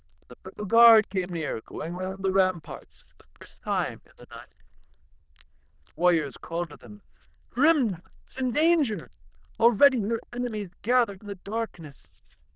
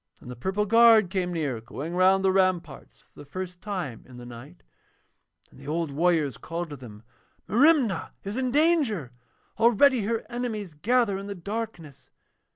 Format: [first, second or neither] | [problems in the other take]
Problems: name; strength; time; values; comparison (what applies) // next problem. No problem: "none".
second | noise reduction (neural diffusion model UNIVERSE++)